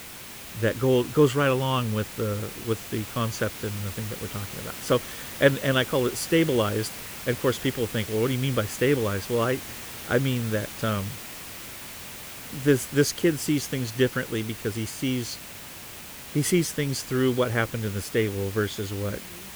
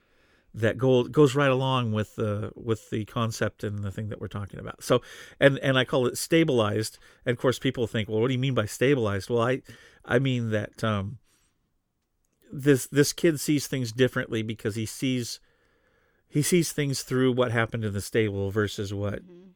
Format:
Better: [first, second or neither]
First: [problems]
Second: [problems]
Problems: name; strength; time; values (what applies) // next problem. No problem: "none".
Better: second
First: hiss; noticeable; throughout; 10 dB below the speech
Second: none